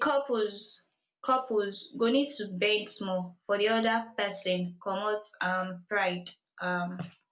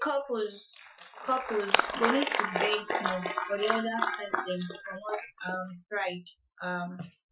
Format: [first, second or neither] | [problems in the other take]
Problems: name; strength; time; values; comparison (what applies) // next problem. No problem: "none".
first | noise reduction (classical method Wiener filter)